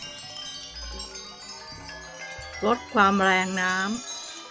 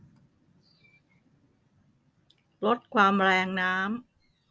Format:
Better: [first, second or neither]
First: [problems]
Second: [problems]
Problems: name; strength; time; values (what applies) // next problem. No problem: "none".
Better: second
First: background sound (Chime); 11 dB below the speech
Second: none